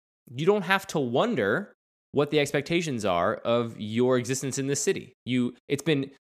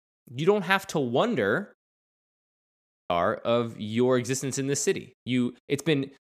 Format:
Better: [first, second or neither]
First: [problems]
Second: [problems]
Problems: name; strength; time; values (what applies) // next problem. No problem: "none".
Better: first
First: none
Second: audio freezing; at 2 s for 1 s